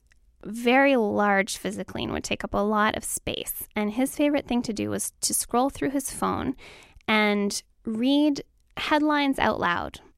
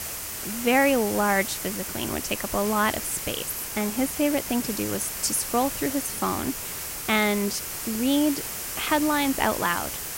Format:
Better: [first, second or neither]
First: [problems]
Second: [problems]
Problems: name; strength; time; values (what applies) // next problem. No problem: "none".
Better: first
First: none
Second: hiss; loud; throughout; 5 dB below the speech